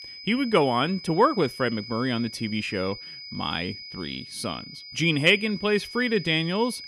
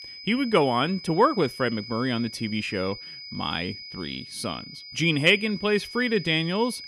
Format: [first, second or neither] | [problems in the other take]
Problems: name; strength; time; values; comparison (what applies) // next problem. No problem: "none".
neither | high-pitched whine; noticeable; throughout; 5 kHz, 15 dB below the speech; the same in both